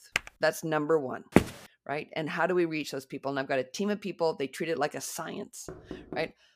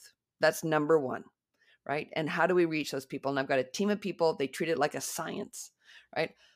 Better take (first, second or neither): second